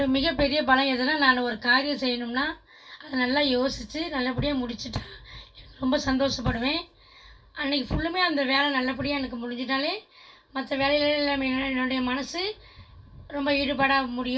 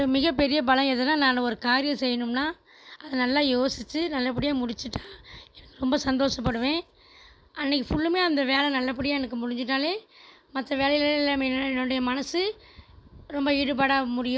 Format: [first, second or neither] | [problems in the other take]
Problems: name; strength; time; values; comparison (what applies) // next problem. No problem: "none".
second | room echo; dies away in 0.2 s